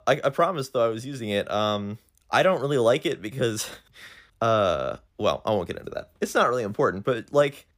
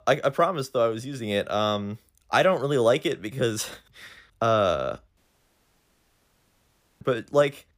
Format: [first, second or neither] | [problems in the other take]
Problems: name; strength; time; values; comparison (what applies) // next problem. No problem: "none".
first | audio cutting out; at 5 s for 2 s